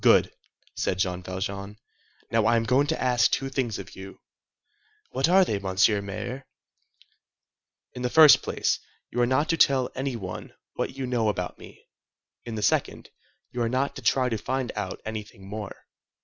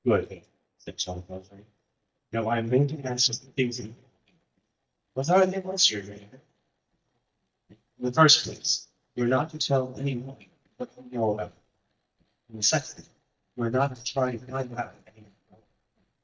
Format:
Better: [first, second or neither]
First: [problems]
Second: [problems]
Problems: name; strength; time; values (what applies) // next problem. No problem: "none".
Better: first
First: none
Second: noise reduction (neural mask model DeepFilterNet 3)